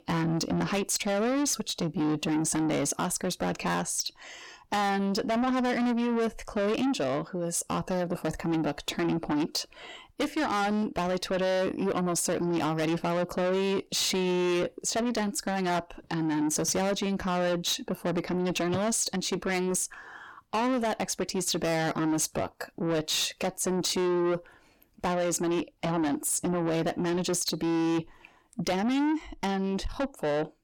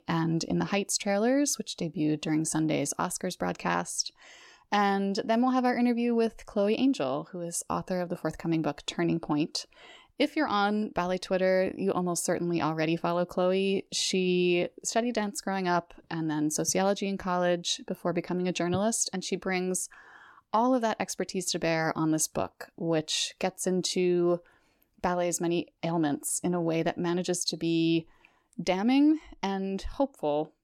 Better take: second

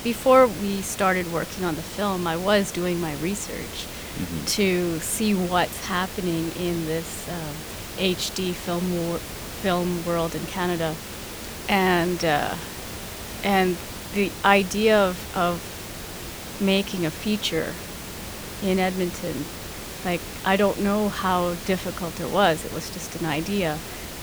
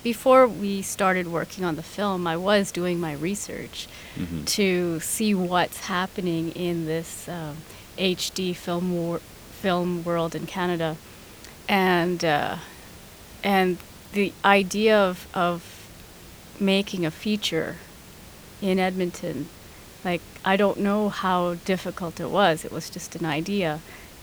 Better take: second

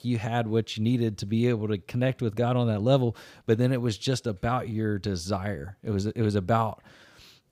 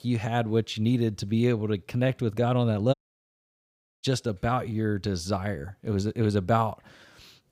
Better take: first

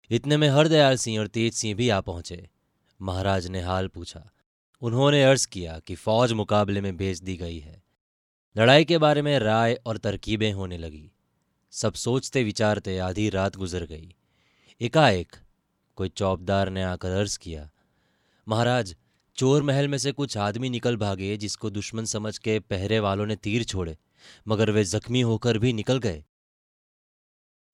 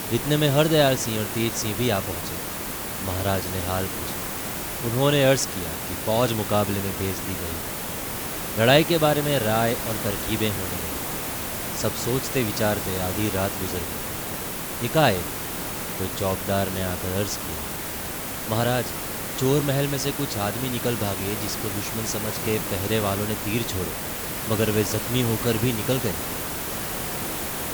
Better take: first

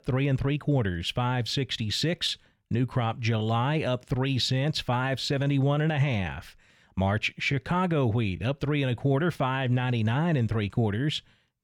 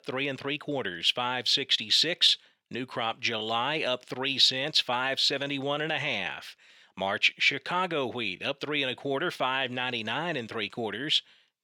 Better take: first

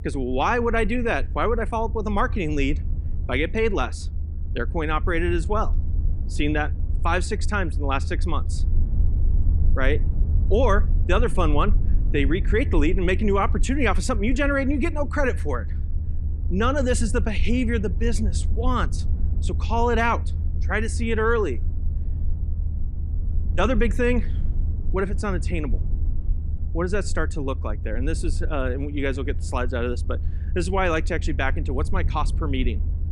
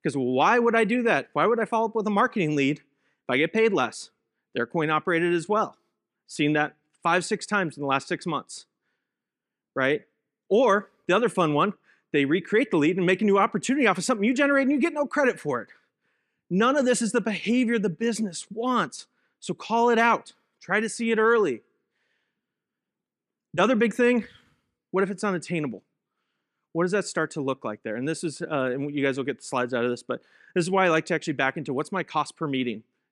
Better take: second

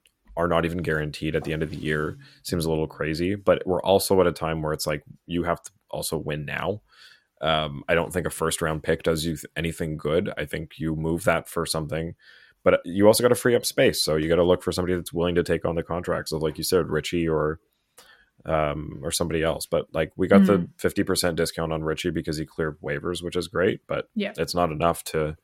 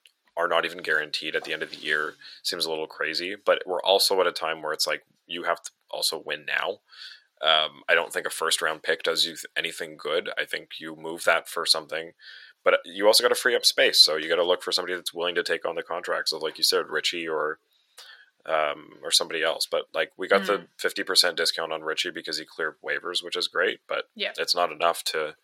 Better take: first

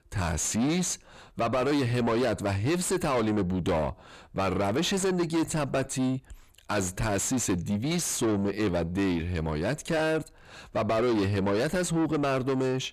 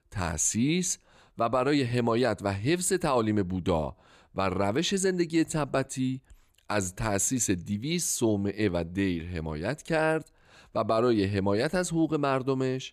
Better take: second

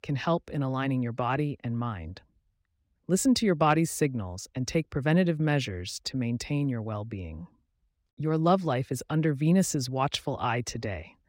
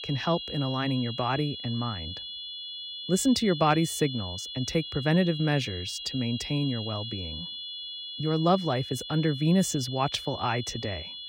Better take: first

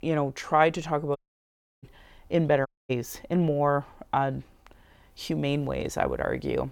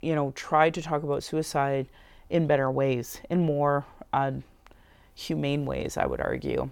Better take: second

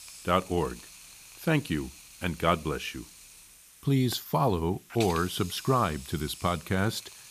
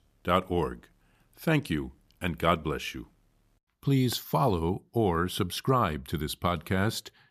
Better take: second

